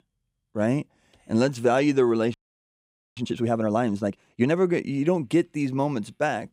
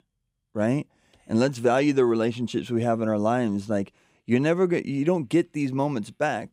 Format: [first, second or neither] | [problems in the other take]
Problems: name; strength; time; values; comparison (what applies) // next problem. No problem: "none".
second | audio freezing; at 2.5 s for 1 s